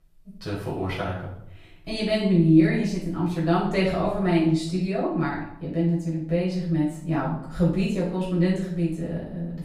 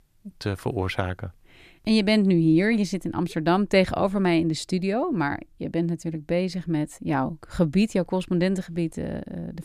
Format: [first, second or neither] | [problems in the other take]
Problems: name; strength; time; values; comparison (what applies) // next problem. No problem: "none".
second | off-mic speech; far // room echo; noticeable; dies away in 0.6 s